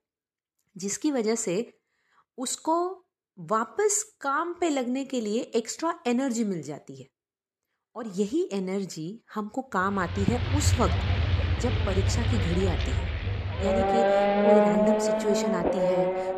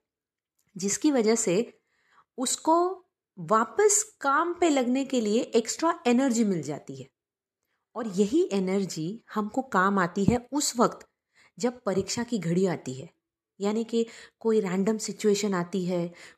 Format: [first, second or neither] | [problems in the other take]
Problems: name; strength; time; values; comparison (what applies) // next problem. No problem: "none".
second | traffic noise; very loud; from 10 s on; 4 dB above the speech